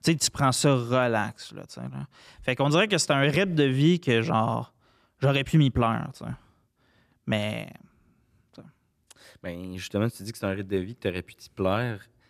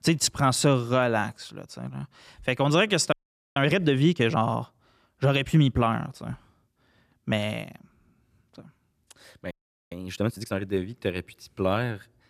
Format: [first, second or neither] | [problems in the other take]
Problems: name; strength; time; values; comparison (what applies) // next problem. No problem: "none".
first | audio freezing; at 3 s and at 9.5 s